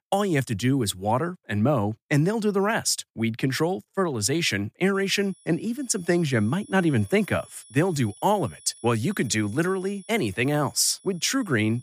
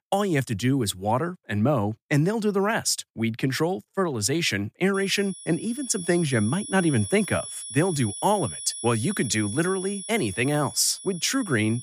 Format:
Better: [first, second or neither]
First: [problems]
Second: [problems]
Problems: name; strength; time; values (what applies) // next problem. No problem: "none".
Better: first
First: high-pitched whine; faint; from 5 s on; 10 kHz, 25 dB below the speech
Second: high-pitched whine; loud; from 5 s on; 10 kHz, 10 dB below the speech